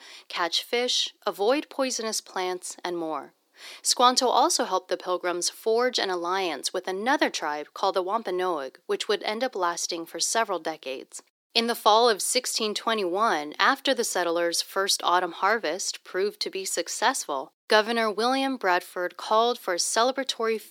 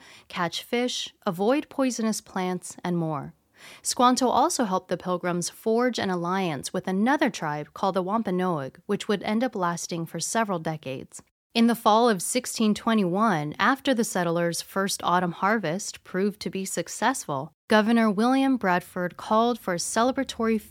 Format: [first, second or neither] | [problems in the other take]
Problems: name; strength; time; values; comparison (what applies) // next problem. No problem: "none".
second | thin; somewhat; fading below 350 Hz